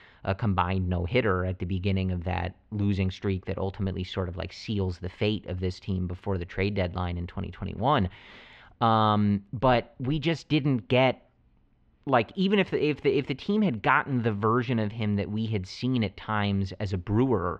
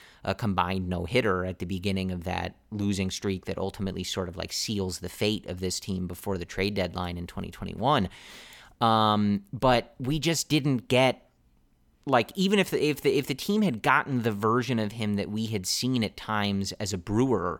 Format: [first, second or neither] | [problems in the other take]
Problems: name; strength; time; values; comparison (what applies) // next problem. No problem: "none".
second | muffled; slightly; fading above 3 kHz